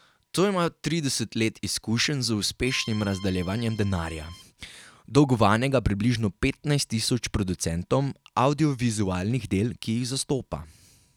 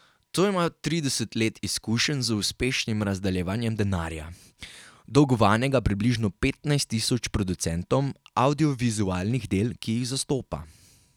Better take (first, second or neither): second